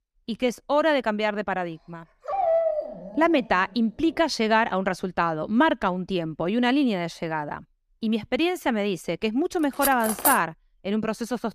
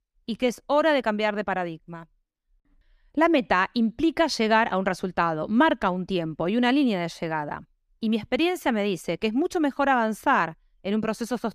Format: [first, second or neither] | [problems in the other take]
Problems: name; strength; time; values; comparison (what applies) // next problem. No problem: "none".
second | dog barking; loud; from 2.5 to 3.5 s; peak 2 dB above the speech // clattering dishes; loud; at 10 s; peak 1 dB above the speech